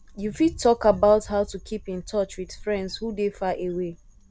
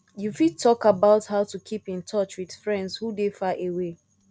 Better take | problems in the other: second | background sound (Wind); 18 dB below the speech

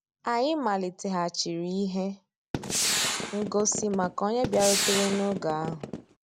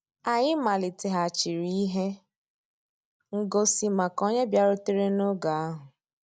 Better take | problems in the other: second | background sound (Gunshot, gunfire); 2 dB below the speech

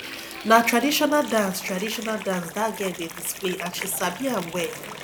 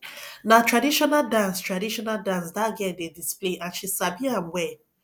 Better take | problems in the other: second | background sound (Water); 12 dB below the speech

